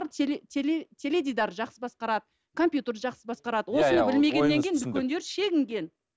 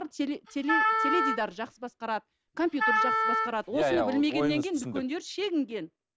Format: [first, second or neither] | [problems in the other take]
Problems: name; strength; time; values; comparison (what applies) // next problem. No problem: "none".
first | background sound (Wind instrument, woodwind instrument); 2 dB above the speech